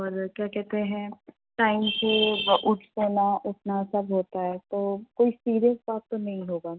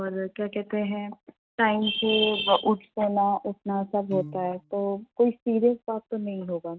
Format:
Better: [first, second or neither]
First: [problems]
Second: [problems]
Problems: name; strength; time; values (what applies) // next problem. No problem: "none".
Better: first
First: none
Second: noise reduction (neural mask model RNNoise)